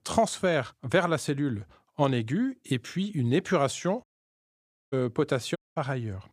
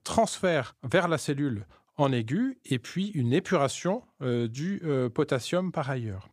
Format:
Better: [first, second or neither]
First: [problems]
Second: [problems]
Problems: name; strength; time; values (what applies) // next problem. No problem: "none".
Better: second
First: audio cutting out; at 4 s for 1 s and at 5.5 s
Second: none